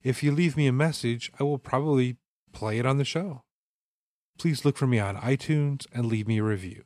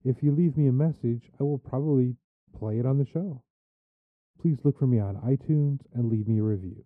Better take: first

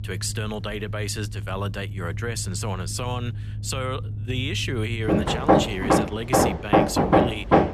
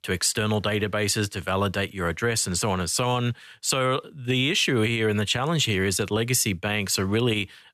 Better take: second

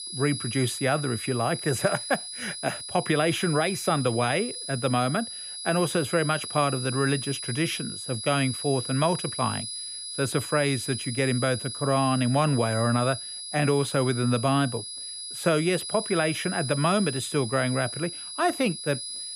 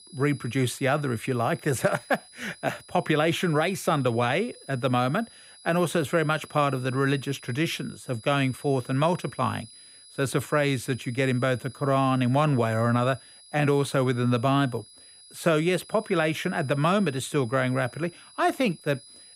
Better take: second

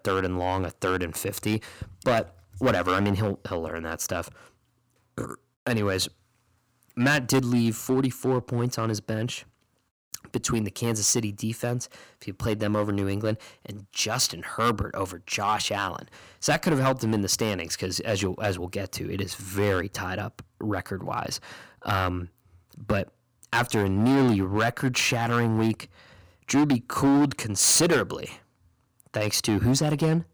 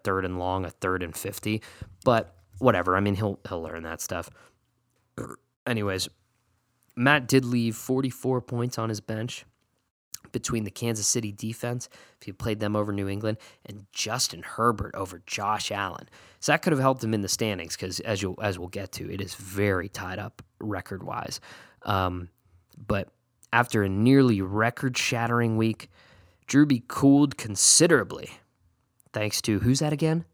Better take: second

